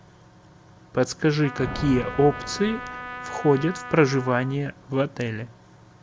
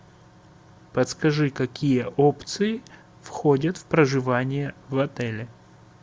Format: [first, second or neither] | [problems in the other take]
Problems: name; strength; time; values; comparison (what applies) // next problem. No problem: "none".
second | background sound (Trumpet + Thunder); 13 dB below the speech